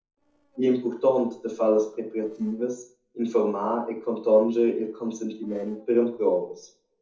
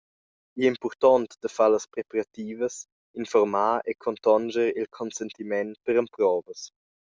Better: second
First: noise reduction (neural separator model SepFormer DNS4)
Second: none

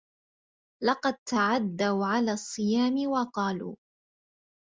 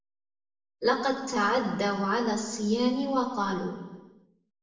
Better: first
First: none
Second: room echo; dies away in 1 s

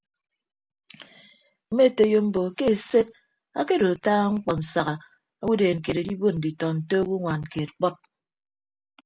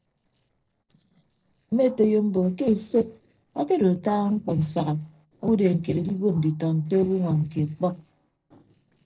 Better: first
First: none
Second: noise reduction (neural separator model SepFormer DNS4)

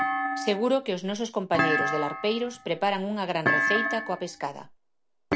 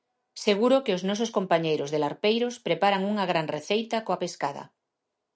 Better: second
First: background sound (Thump, thud); 1 dB below the speech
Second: none

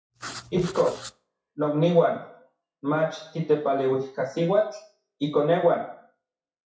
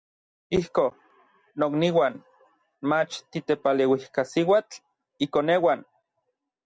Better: second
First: noise reduction (classical method WPE with log-MMSE)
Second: none

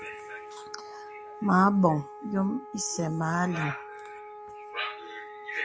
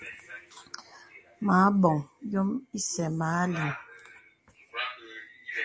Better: second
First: background sound (Wind instrument, woodwind instrument); 14 dB below the speech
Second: none

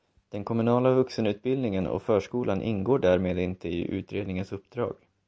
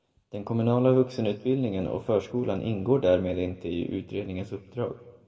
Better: first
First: none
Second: room echo; dies away in 1.4 s

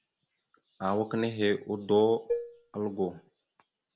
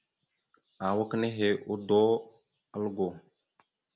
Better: second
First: background sound (Dishes, pots, and pans); 6 dB below the speech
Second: none

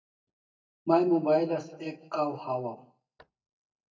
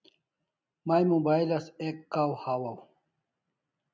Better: second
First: noise reduction (neural mask model DeepFilterNet 3)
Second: none

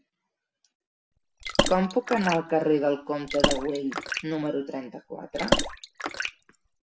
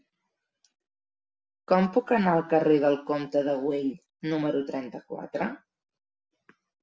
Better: second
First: background sound (Water / Splash, splatter); 1 dB below the speech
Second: none

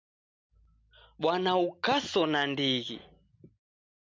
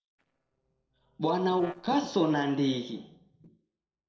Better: first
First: none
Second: noise reduction (neural separator model SepFormer DNS4)

